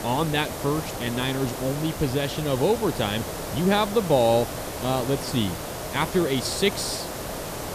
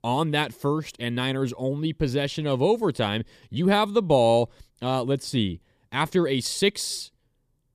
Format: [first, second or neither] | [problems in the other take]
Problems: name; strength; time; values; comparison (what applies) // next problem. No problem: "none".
second | hiss; loud; throughout; 7 dB below the speech